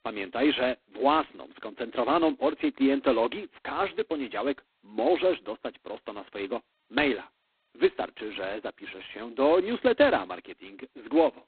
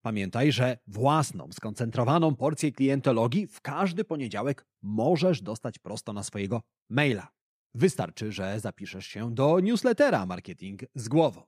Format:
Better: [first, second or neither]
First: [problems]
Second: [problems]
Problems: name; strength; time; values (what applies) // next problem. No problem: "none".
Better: second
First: phone-call audio; poor line; nothing above 4 kHz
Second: none